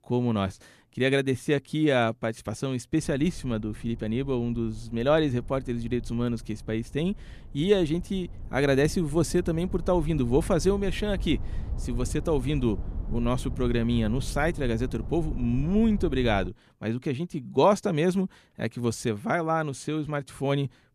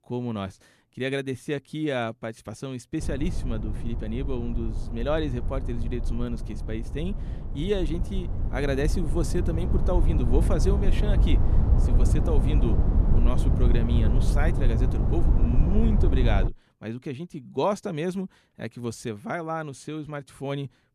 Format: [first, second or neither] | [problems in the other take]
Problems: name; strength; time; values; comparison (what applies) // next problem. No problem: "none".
first | low rumble; loud; from 3 to 16 s; 6 dB below the speech; faint in the first